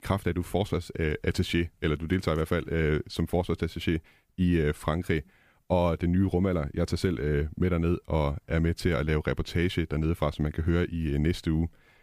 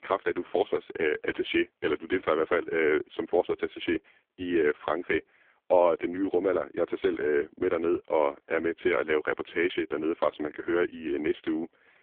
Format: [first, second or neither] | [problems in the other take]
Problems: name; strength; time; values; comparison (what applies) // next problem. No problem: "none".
first | phone-call audio; poor line